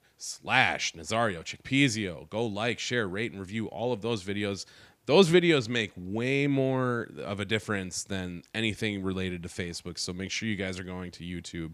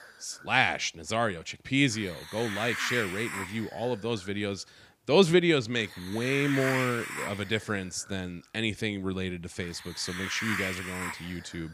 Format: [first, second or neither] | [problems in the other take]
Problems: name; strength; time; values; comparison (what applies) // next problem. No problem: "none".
first | hiss; loud; throughout; 6 dB below the speech